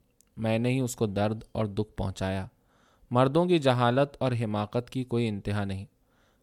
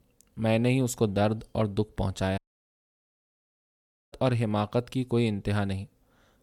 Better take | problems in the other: first | audio cutting out; at 2.5 s for 1.5 s

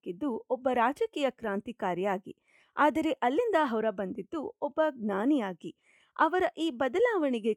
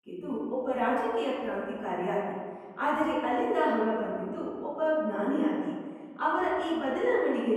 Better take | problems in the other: first | off-mic speech; far // room echo; strong; dies away in 1.6 s

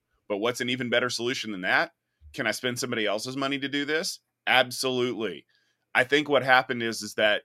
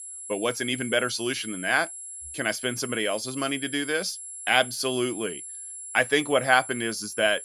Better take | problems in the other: first | high-pitched whine; loud; throughout; 10.5 kHz, 10 dB below the speech

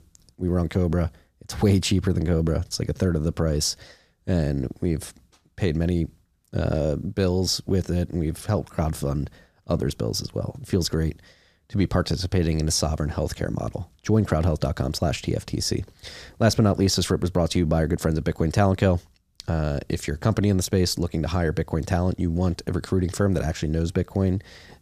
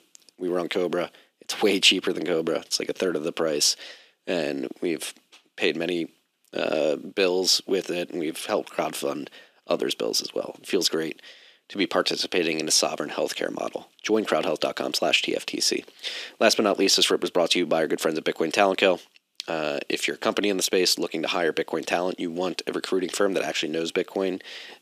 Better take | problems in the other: first | thin; somewhat; fading below 300 Hz

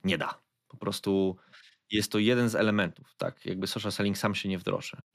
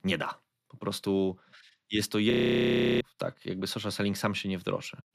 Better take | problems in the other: first | audio freezing; at 2.5 s for 0.5 s

